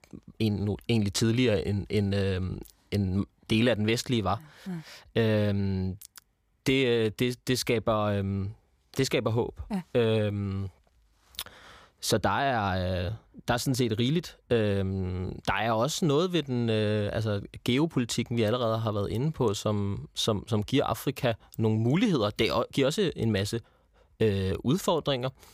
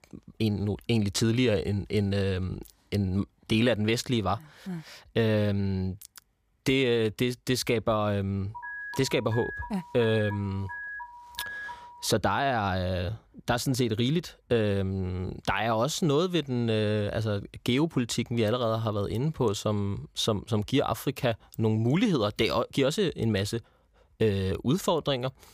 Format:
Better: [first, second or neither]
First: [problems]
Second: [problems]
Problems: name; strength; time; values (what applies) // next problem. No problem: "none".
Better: first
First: none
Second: alarm; noticeable; from 8.5 to 12 s; peak 9 dB below the speech